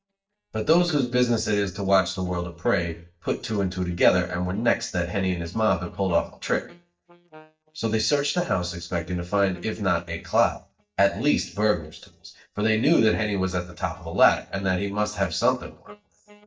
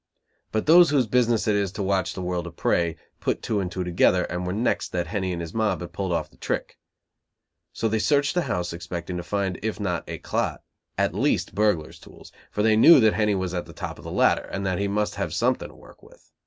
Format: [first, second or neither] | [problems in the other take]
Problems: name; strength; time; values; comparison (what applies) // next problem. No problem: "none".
second | noise reduction (neural mask model DeepFilterNet 3)